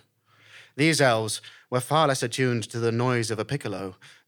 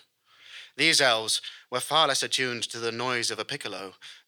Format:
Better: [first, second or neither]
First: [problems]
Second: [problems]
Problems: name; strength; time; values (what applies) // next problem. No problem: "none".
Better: first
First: none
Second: thin; somewhat; fading below 750 Hz